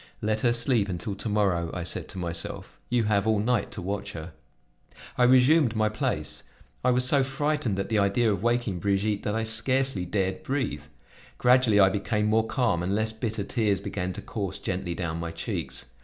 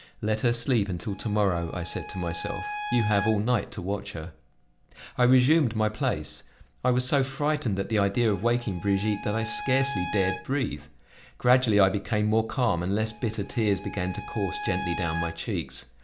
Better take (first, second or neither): first